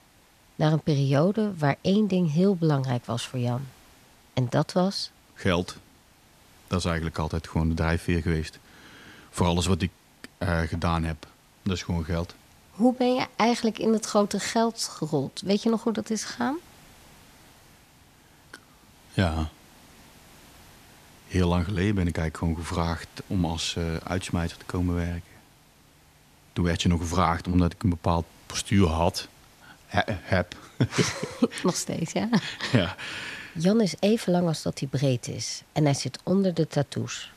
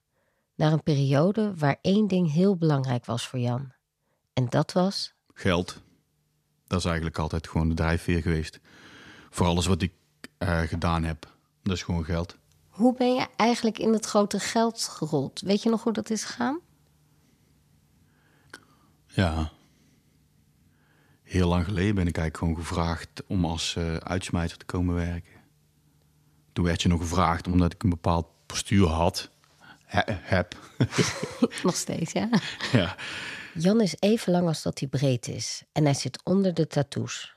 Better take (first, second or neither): second